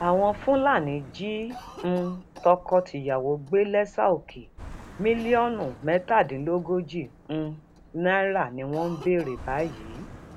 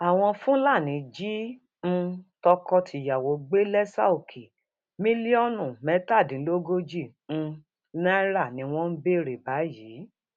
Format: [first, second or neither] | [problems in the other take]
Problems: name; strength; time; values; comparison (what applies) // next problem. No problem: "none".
second | background sound (Cough + Car passing by); 18 dB below the speech